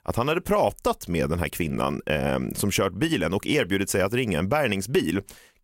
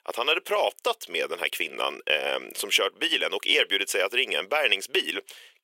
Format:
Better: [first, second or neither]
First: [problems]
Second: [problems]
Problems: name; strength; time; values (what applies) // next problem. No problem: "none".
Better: first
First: none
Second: thin; very; fading below 400 Hz